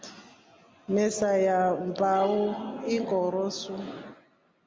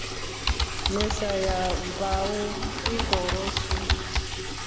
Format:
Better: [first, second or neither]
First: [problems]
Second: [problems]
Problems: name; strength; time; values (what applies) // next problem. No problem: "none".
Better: first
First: none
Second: background sound (Computer keyboard + Liquid); 3 dB above the speech